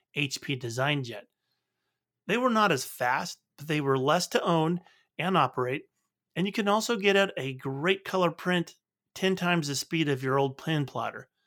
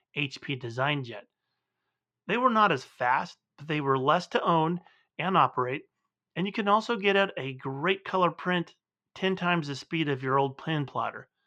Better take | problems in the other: first | muffled; slightly; fading above 3 kHz

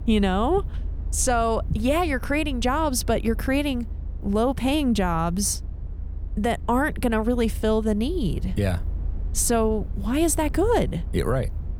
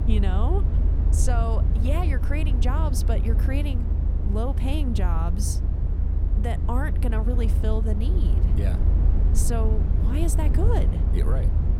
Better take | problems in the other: first | low rumble; loud; throughout; 6 dB below the speech; faint in the first

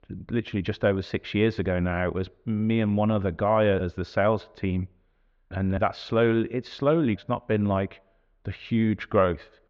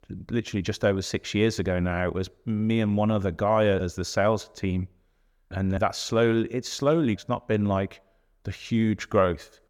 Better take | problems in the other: second | muffled; slightly; fading above 3.5 kHz

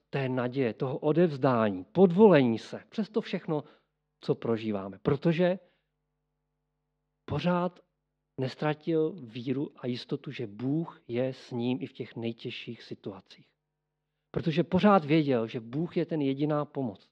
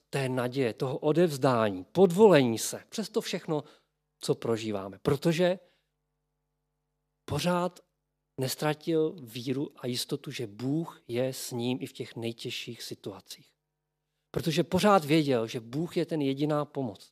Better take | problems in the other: second | muffled; slightly; fading above 3 kHz

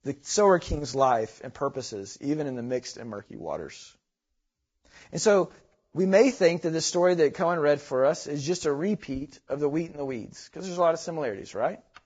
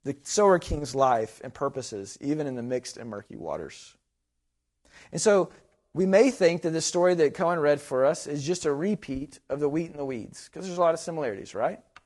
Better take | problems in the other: second | garbled, watery; badly; nothing above 7.5 kHz; slightly in the second

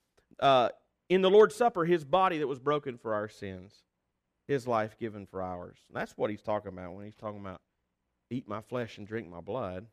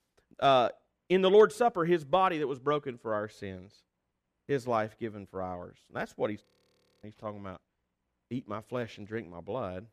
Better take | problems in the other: first | audio freezing; at 6.5 s for 0.5 s

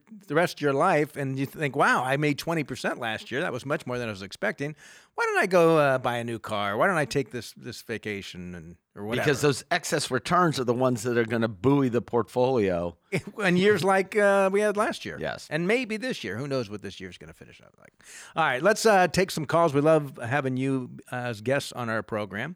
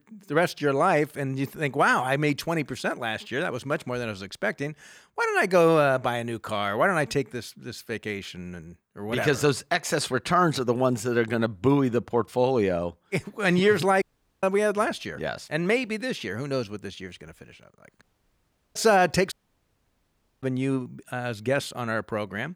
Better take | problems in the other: first | audio cutting out; at 14 s, at 18 s for 0.5 s and at 19 s for 1 s

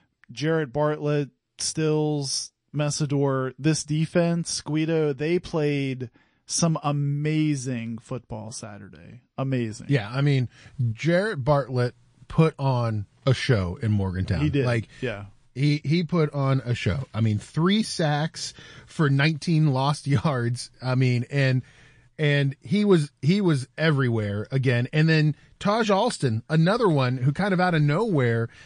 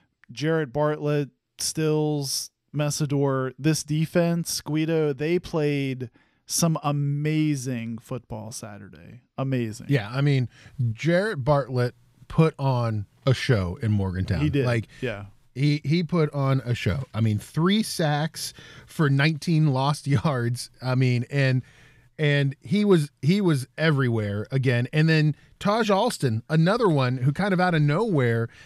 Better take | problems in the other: second | garbled, watery; slightly

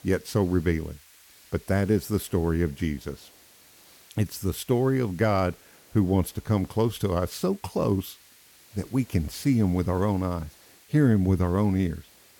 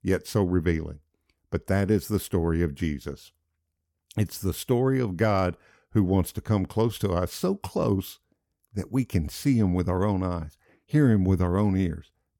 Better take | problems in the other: second | hiss; faint; throughout; 25 dB below the speech

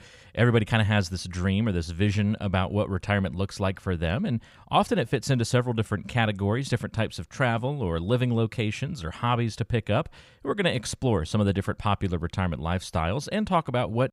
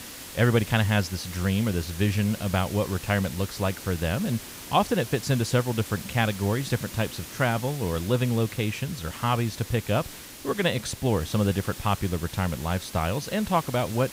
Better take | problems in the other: first | hiss; noticeable; throughout; 10 dB below the speech

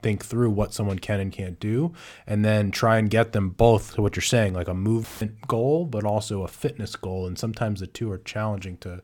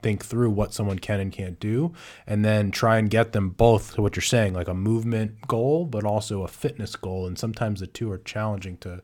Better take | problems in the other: second | audio cutting out; filled with static; at 5 s

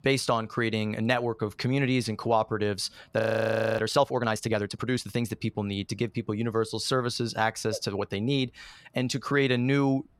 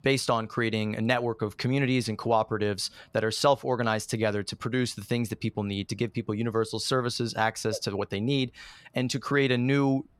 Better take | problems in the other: second | audio freezing; at 3 s for 0.5 s

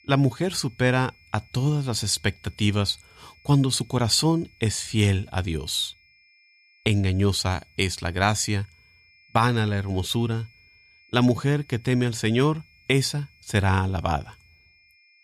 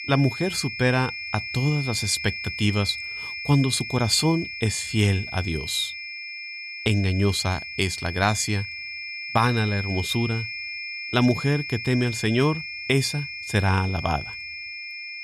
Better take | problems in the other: first | high-pitched whine; loud; throughout; 2.5 kHz, 7 dB below the speech; faint in the first

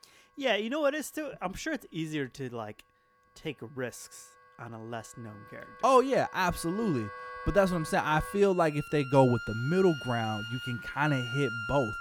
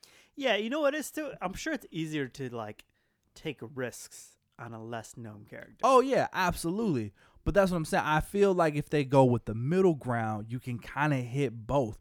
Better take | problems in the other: second | background music; noticeable; throughout; 10 dB below the speech

